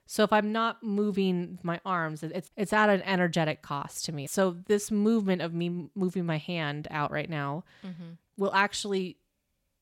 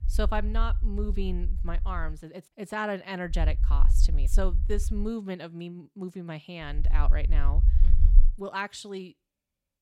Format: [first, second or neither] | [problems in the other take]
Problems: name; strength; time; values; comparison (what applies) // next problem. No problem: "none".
first | low rumble; noticeable; until 2 s, from 3.5 to 5 s and from 6.5 to 8.5 s; 15 dB below the speech